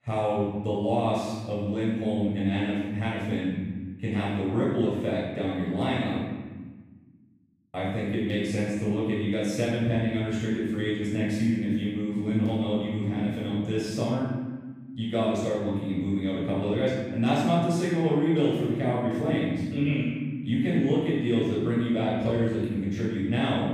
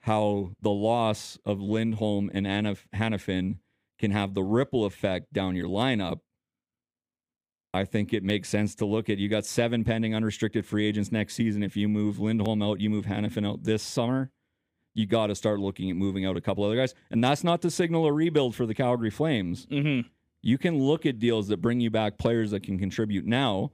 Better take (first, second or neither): second